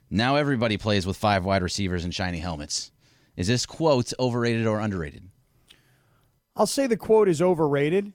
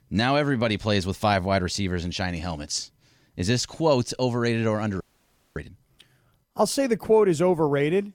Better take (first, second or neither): first